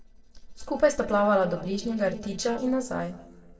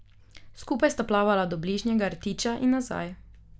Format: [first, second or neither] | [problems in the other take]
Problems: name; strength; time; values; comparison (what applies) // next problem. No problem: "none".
second | noise reduction (neural separator model SepFormer DNS4)